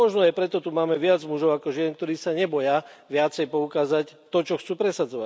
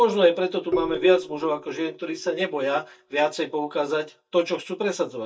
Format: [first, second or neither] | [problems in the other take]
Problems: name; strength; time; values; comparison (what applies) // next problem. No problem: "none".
first | noise reduction (neural mask model DeepFilterNet 3)